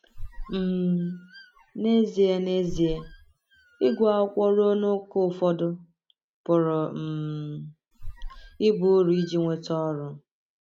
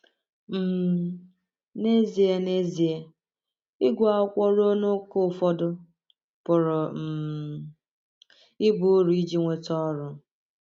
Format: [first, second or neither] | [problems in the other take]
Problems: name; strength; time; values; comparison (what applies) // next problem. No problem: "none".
second | background sound (Squeak); 15 dB below the speech